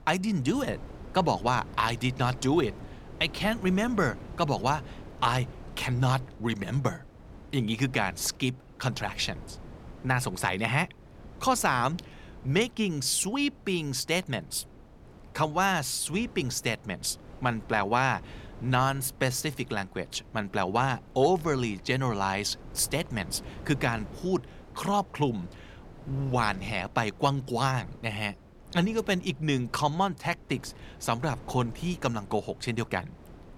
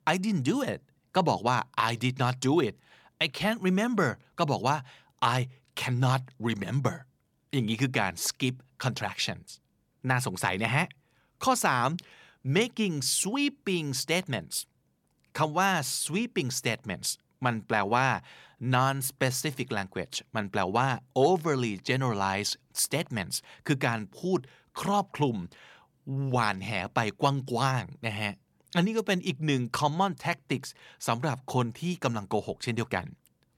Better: second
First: wind noise on the microphone; occasional gusts; 20 dB below the speech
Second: none

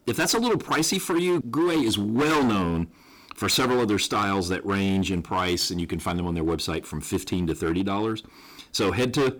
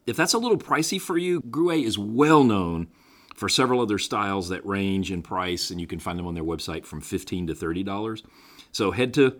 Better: second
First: distortion; heavy; 14% of the sound clipped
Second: none

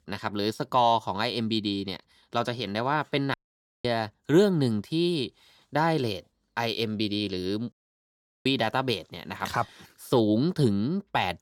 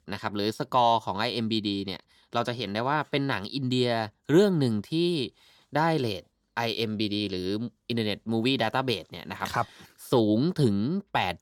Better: second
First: audio cutting out; at 3.5 s for 0.5 s and at 7.5 s for 0.5 s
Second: none

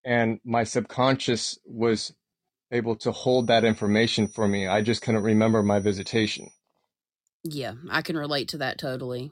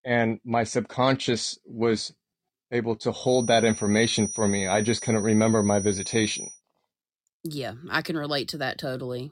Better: first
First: high-pitched whine; faint; from 3.5 to 6.5 s; 6 kHz, 20 dB below the speech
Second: high-pitched whine; loud; from 3.5 to 6.5 s; 6 kHz, 8 dB below the speech

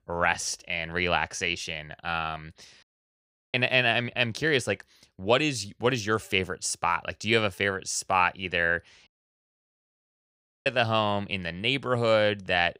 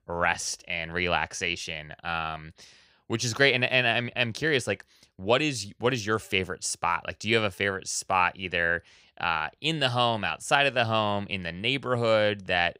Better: second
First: audio cutting out; at 3 s for 0.5 s and at 9 s for 1.5 s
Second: none

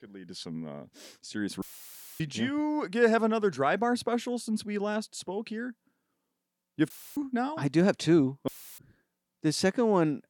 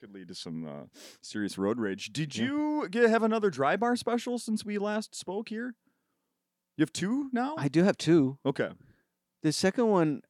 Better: second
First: audio cutting out; filled with static; at 1.5 s for 0.5 s, at 7 s and at 8.5 s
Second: none

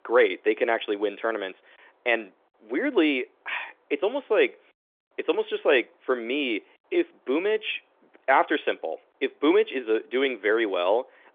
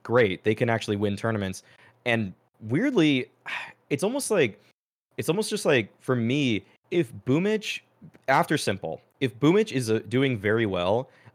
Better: second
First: phone-call audio; nothing above 3.5 kHz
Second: none

